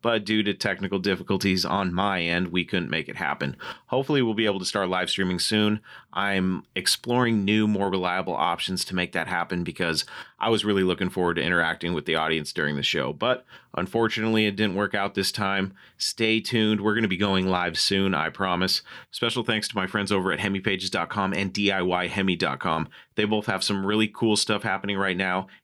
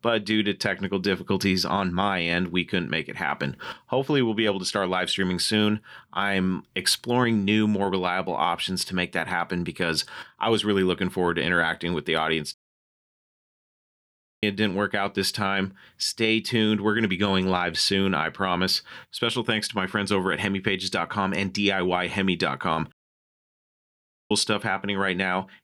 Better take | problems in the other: first | audio cutting out; at 13 s for 2 s and at 23 s for 1.5 s

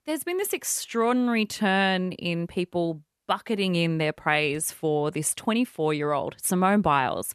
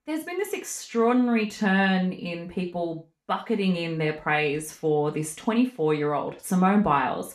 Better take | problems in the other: first | room echo; slight; dies away in 0.3 s // off-mic speech; far

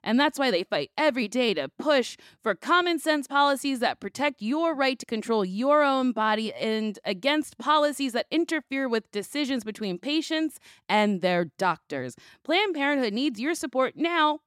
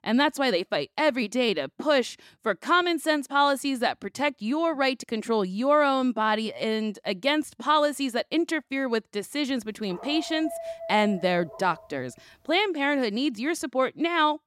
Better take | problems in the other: first | dog barking; faint; from 10 to 12 s; peak 10 dB below the speech

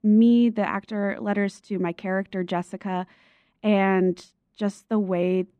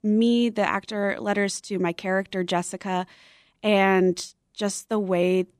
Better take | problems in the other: second | muffled; slightly; fading above 3.5 kHz

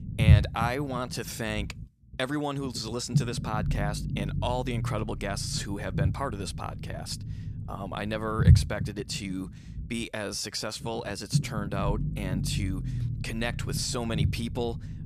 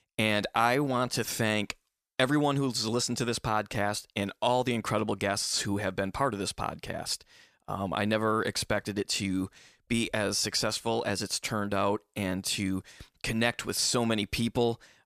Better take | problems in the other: second | low rumble; loud; throughout; 9 dB below the speech

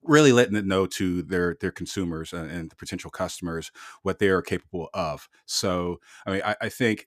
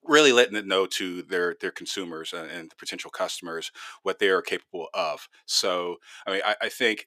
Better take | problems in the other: first | thin; somewhat; fading below 450 Hz

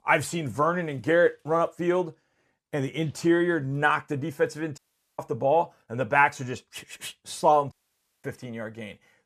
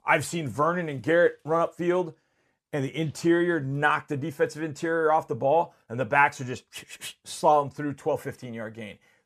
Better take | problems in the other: second | audio cutting out; at 5 s and at 7.5 s for 0.5 s

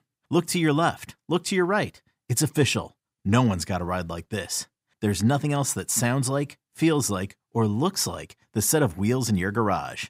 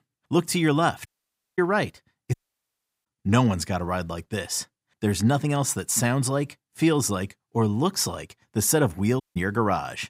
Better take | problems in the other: first | audio cutting out; at 1 s for 0.5 s, at 2.5 s for 0.5 s and at 9 s

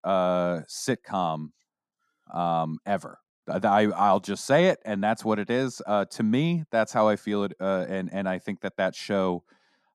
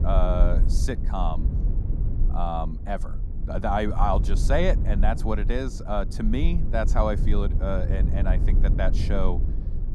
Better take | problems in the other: first | low rumble; noticeable; throughout; 15 dB below the speech

